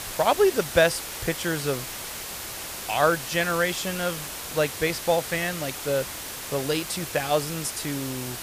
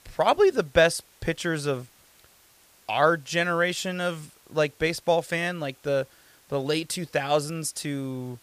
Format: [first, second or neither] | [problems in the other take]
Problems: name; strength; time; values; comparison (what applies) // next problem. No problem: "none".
second | hiss; loud; throughout; 7 dB below the speech; faint in the second